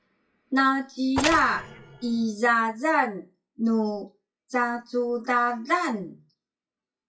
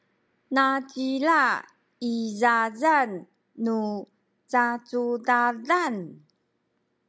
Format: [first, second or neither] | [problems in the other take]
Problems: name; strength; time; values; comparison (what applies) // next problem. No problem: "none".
second | noise reduction (classical method WPE with log-MMSE)